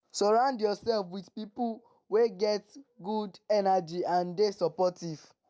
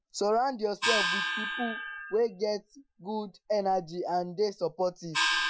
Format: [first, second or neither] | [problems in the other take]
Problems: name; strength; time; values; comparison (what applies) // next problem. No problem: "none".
first | noise reduction (classical method Wiener filter)